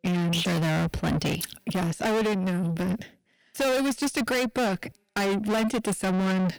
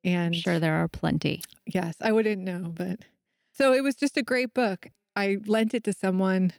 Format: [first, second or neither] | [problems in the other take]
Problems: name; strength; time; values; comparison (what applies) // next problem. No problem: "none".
second | distortion; heavy; 5 dB below the speech